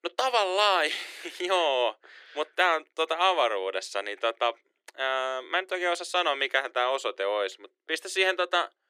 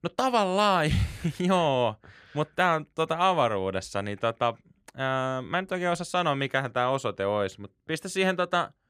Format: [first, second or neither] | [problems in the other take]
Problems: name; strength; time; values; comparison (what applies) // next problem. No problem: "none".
second | thin; very; fading below 350 Hz